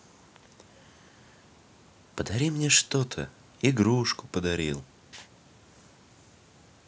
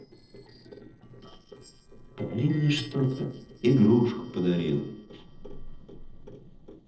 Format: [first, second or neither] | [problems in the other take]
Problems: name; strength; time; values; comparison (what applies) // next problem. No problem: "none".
first | noise reduction (neural separator model SepFormer DNS4)